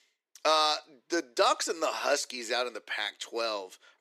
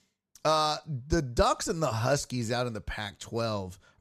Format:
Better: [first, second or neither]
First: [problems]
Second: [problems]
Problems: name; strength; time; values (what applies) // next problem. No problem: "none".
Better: second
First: thin; very; fading below 300 Hz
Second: none